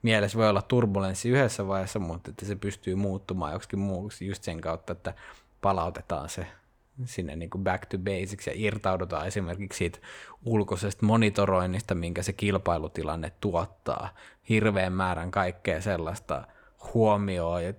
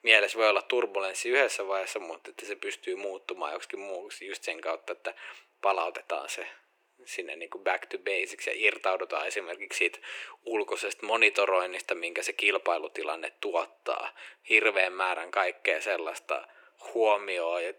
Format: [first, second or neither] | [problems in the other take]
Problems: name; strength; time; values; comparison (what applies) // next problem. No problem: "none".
first | thin; very; fading below 350 Hz